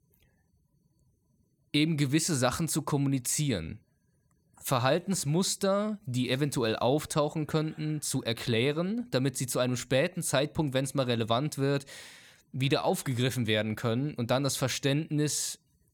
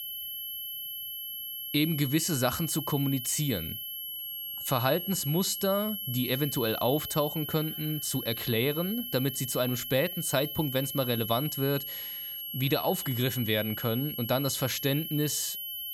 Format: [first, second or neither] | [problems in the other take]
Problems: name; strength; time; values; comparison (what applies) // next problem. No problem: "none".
first | high-pitched whine; loud; throughout; 3 kHz, 5 dB below the speech